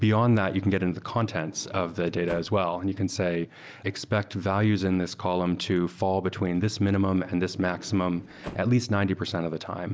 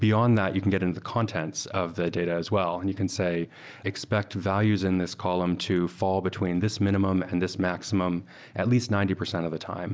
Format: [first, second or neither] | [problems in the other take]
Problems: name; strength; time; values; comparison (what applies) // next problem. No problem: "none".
second | background sound (Sliding door); 20 dB below the speech